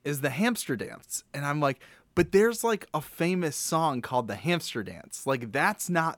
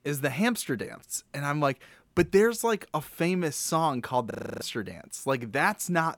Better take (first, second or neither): first